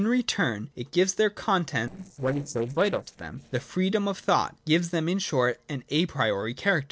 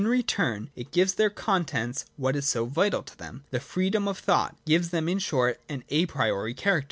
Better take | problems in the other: second | noise reduction (neural separator model SepFormer DNS4)

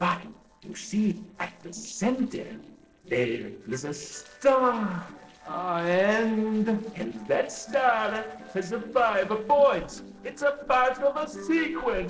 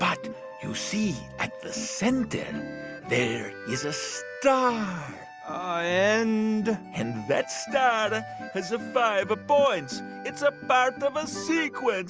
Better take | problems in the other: second | noise reduction (neural separator model SepFormer DNS4)

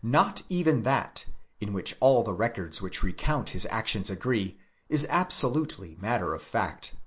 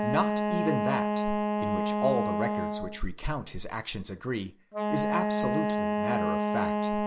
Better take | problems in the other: first | background sound (Wind instrument, woodwind instrument); 4 dB above the speech

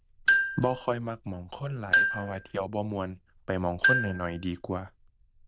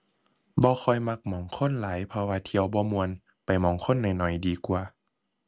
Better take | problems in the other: second | noise reduction (neural diffusion model UNIVERSE++)

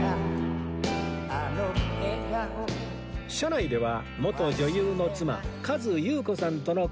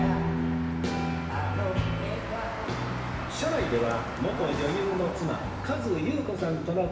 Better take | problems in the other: first | background sound (Motor vehicle (road)); 8 dB below the speech // room echo; dies away in 0.8 s

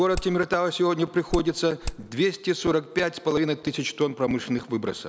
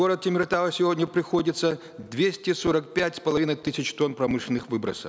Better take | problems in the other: second | noise reduction (neural mask model Resemble Enhance denoiser)

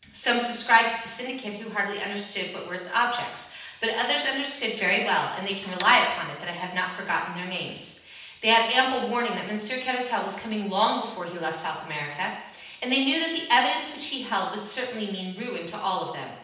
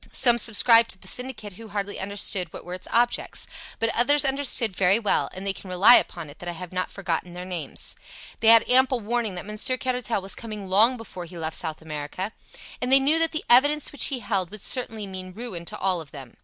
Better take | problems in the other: second | background sound (Tools); 14 dB below the speech // room echo; dies away in 0.9 s

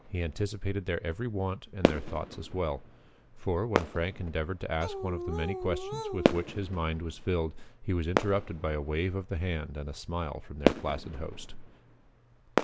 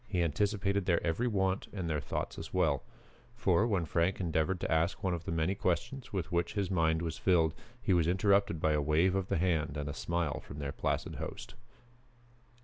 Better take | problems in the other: second | background sound (Dog + Fireworks); 2 dB below the speech

